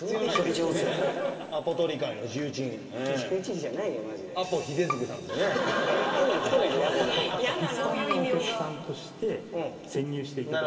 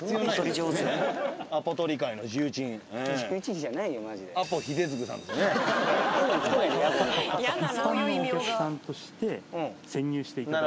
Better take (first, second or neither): second